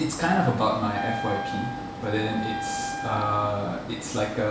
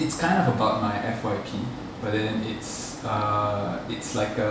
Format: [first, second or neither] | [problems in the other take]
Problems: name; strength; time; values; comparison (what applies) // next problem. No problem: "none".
second | background sound (Wind instrument, woodwind instrument); 7 dB below the speech